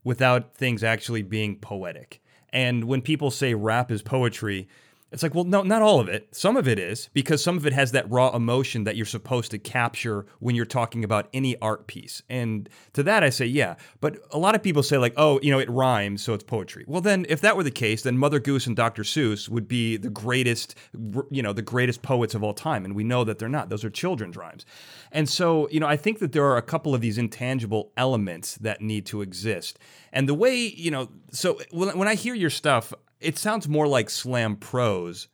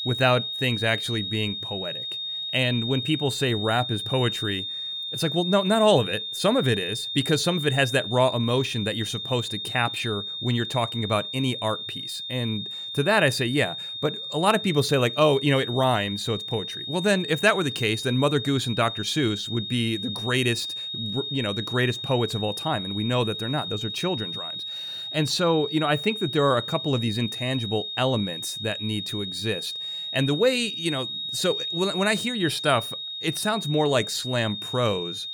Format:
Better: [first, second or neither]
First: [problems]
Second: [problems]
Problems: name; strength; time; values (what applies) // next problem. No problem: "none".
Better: first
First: none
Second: high-pitched whine; loud; throughout; 3.5 kHz, 5 dB below the speech